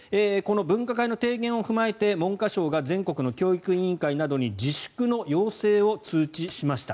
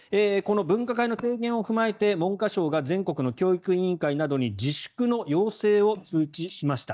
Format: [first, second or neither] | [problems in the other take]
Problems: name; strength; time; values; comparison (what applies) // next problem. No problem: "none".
first | noise reduction (neural mask model DeepFilterNet 3)